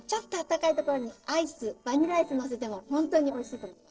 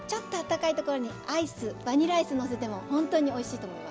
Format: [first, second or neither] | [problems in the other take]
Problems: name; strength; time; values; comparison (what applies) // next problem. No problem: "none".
second | noise reduction (neural separator model SepFormer DNS4)